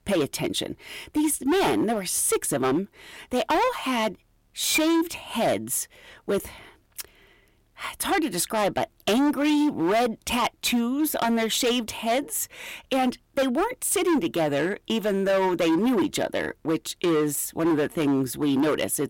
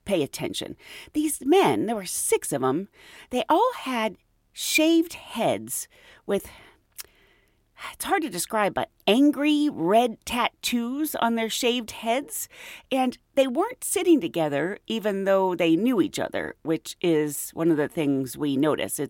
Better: second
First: distortion; heavy; 14% of the sound clipped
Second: none

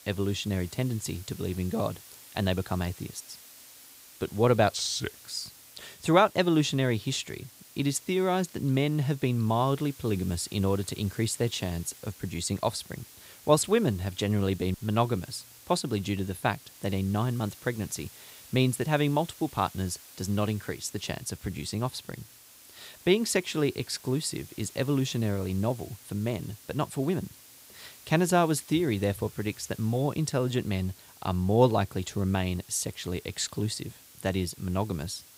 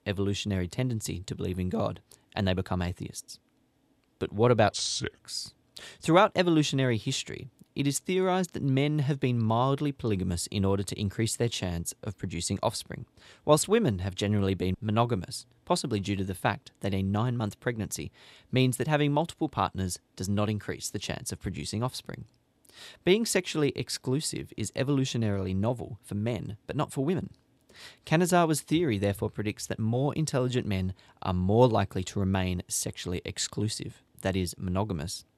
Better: second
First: hiss; noticeable; throughout; 20 dB below the speech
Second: none

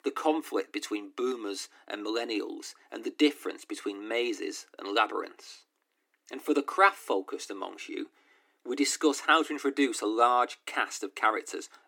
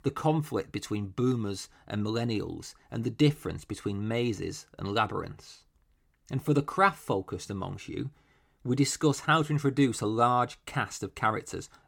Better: second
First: thin; somewhat; fading below 300 Hz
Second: none

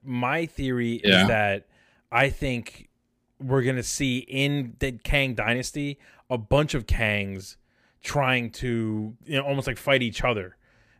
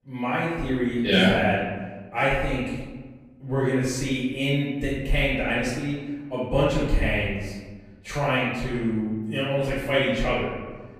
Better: first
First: none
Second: room echo; noticeable; dies away in 1.3 s // off-mic speech; far

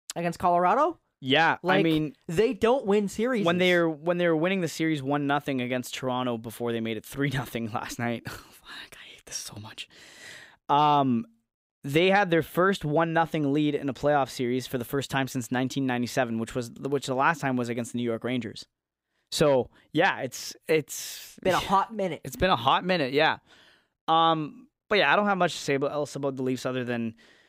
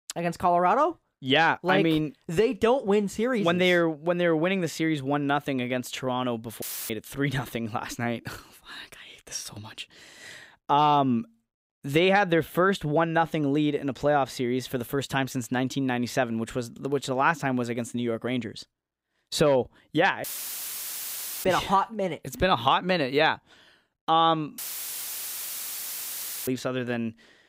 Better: first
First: none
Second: audio cutting out; filled with static; at 6.5 s, at 20 s for 1 s and at 25 s for 2 s

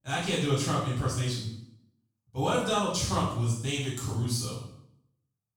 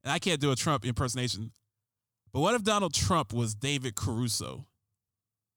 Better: second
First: room echo; noticeable; dies away in 0.6 s // off-mic speech; far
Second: none

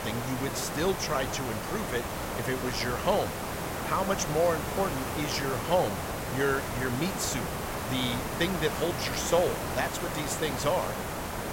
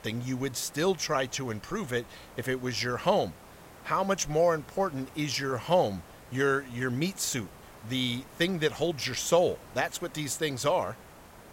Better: second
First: hiss; loud; throughout; 3 dB below the speech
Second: hiss; faint; throughout; 20 dB below the speech

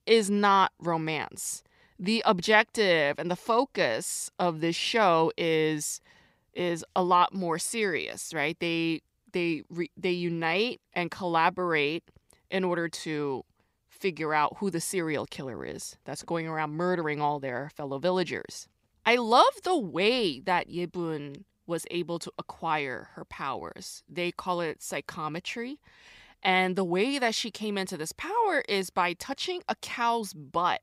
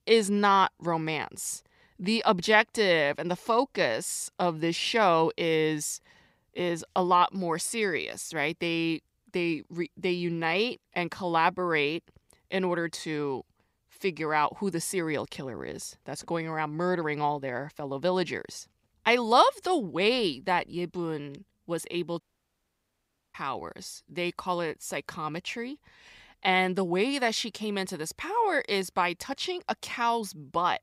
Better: first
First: none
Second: audio cutting out; at 22 s for 1 s

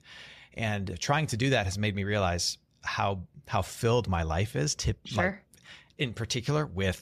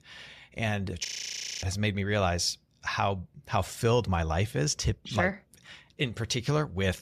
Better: first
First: none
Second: audio freezing; at 1 s for 0.5 s

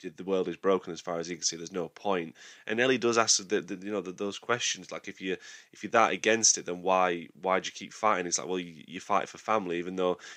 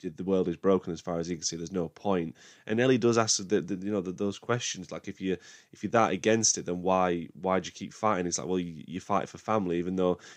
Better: second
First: thin; very slightly; fading below 500 Hz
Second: none

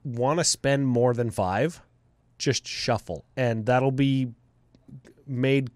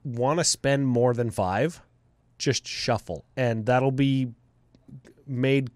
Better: neither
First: none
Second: none

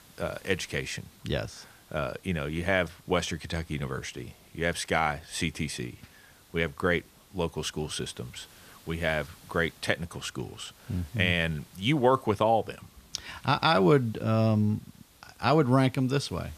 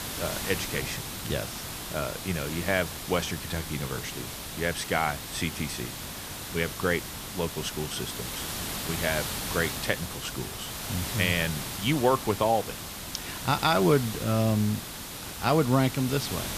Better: first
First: hiss; faint; throughout; 25 dB below the speech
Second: hiss; loud; throughout; 6 dB below the speech

